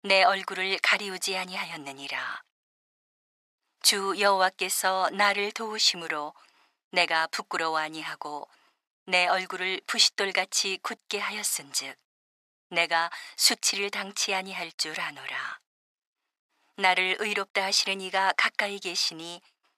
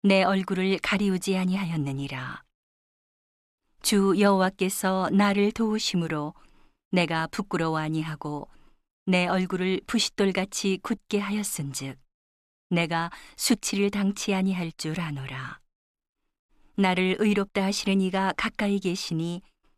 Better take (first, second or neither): second